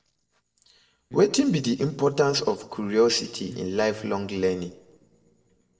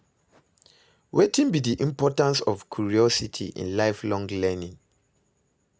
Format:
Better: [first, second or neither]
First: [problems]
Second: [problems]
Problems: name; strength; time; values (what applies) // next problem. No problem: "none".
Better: second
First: noise reduction (neural separator model SepFormer DNS4)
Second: none